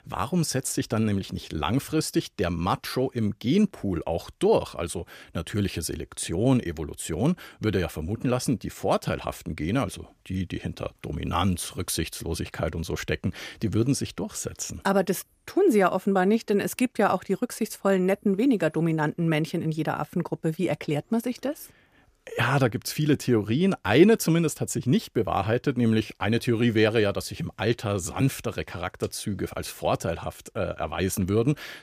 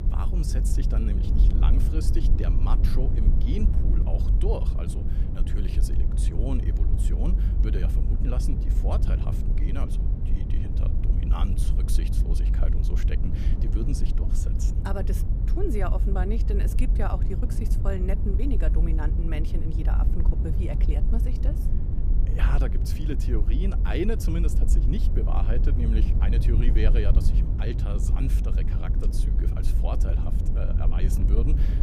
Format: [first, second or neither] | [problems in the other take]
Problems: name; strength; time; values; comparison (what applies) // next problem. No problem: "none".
first | low rumble; loud; throughout; 4 dB below the speech